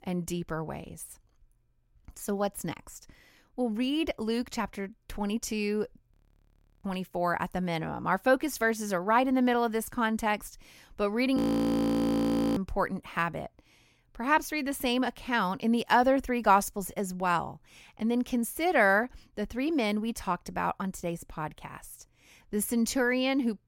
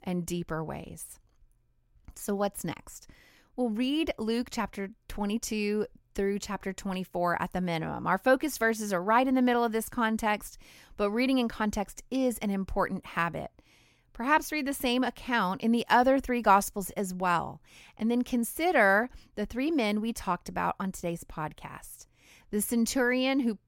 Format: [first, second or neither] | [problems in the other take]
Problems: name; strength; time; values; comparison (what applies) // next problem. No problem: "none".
second | audio freezing; at 6 s for 0.5 s and at 11 s for 1 s